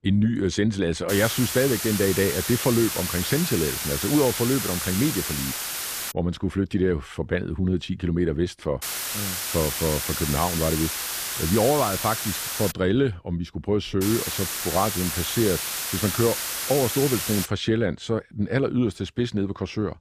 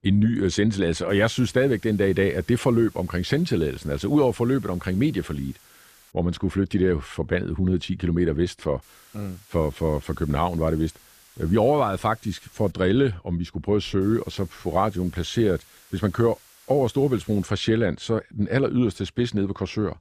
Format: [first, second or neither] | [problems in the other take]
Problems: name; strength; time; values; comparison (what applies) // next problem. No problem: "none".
second | hiss; loud; from 1 to 6 s, from 9 to 13 s and from 14 to 17 s; 2 dB below the speech; faint in the second